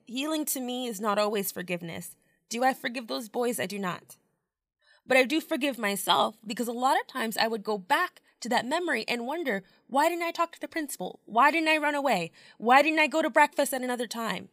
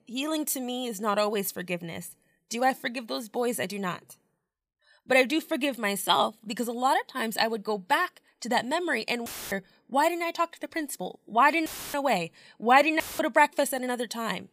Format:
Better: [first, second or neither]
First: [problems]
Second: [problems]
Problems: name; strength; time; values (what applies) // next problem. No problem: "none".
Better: first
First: none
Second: audio cutting out; filled with static; at 9.5 s, at 12 s and at 13 s